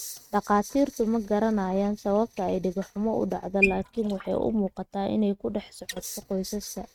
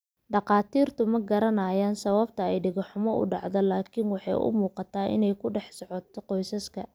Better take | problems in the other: second | noise reduction (neural mask model RNNoise)

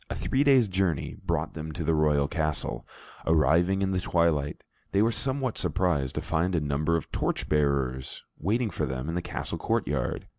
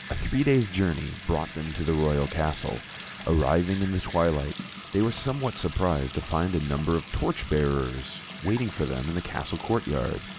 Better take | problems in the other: first | background sound (Bathtub (filling or washing) / Sink (filling or washing) / Water tap, faucet); 14 dB below the speech

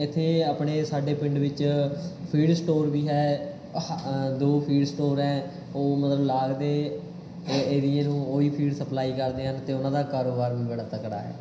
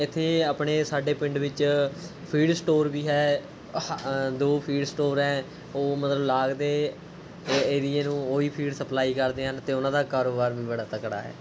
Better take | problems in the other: second | room echo; dies away in 0.9 s

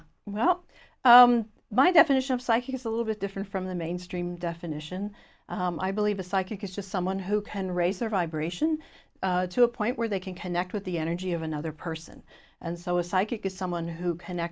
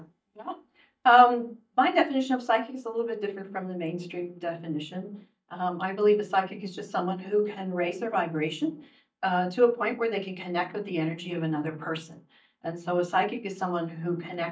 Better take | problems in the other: first | noise reduction (neural mask model DeepFilterNet 3)

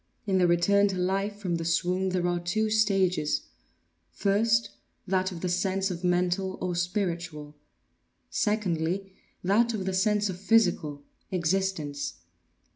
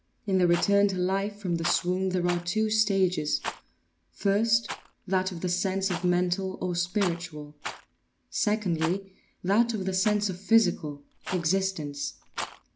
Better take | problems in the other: first | background sound (Rattle); 14 dB below the speech

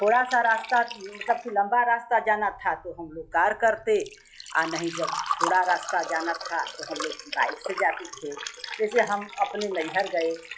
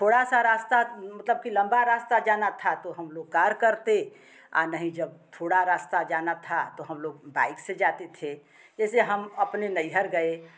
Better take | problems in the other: second | noise reduction (classical method log-MMSE)

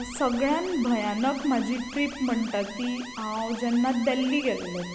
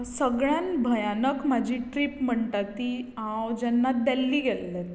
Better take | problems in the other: second | background sound (Alarm); 14 dB below the speech

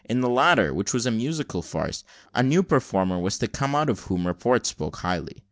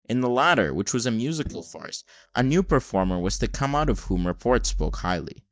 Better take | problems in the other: first | noise reduction (neural mask model DeepFilterNet 3)

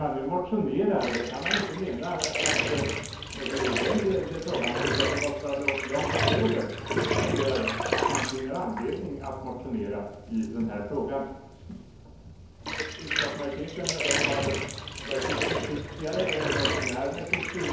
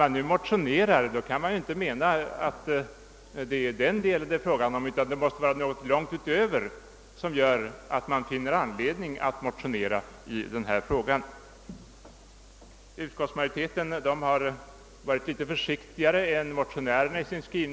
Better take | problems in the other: second | background sound (Bathtub (filling or washing)); as loud as the speech // room echo; dies away in 0.9 s

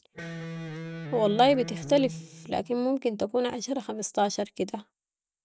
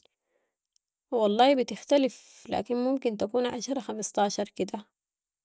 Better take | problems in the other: second | background sound (Electric guitar); 10 dB below the speech

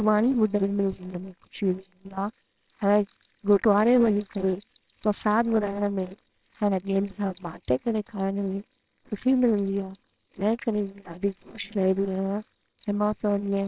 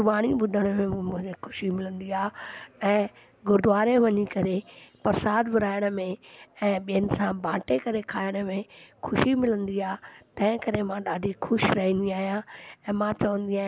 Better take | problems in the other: second | noise reduction (neural separator model SepFormer WHAMR!)

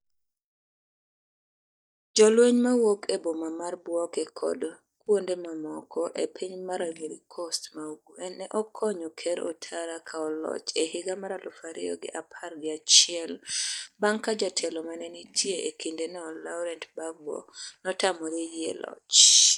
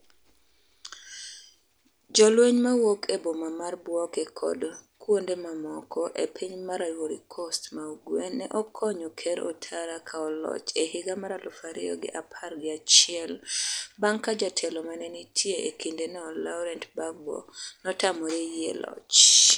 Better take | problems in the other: second | noise reduction (neural mask model DeepFilterNet 3)

